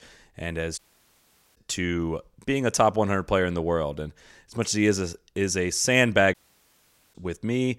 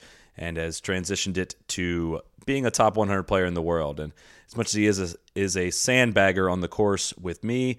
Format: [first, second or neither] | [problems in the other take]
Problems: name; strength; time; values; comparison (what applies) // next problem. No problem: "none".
second | audio cutting out; at 1 s for 1 s and at 6.5 s for 1 s